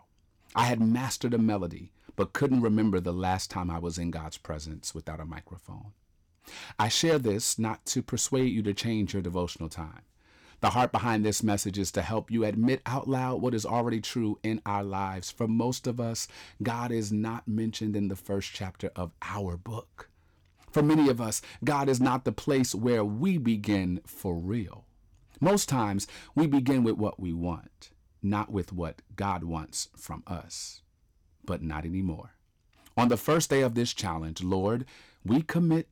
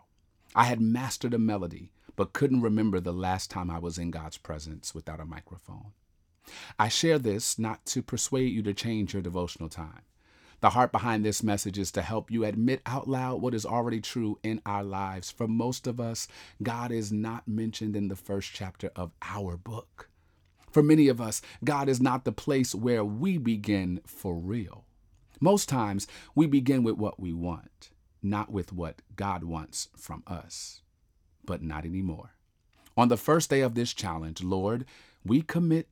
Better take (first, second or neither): second